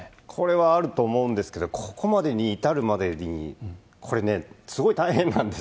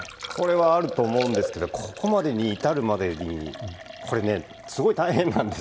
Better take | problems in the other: first | background sound (Liquid); 12 dB below the speech

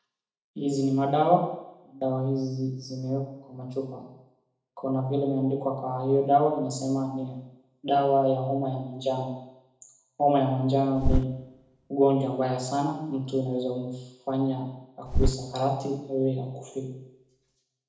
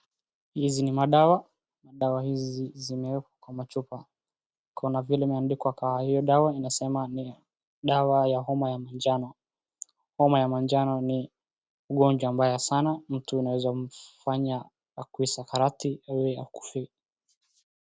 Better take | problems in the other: second | background sound (Bird); 3 dB below the speech // room echo; dies away in 0.8 s

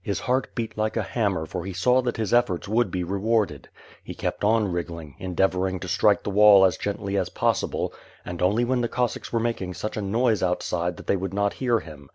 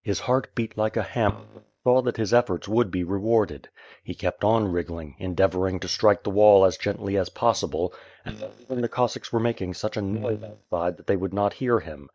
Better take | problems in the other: first | noise reduction (neural mask model DeepFilterNet 3)

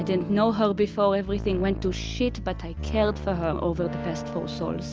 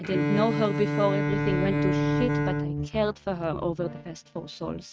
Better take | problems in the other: first | noise reduction (neural mask model RNNoise)

